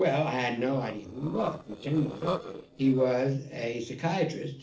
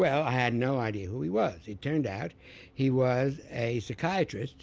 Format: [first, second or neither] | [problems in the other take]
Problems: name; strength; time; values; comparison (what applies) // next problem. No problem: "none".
second | noise reduction (neural separator model SepFormer DNS4)